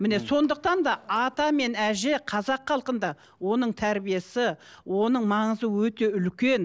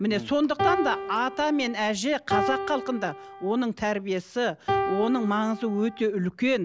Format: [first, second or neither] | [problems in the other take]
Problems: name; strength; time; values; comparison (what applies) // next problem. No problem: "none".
first | background sound (Piano); 4 dB below the speech